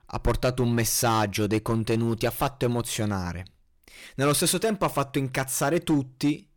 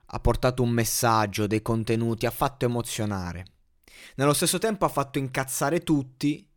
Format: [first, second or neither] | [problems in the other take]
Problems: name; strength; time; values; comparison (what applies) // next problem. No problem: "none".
second | distortion; slight; 5% of the sound clipped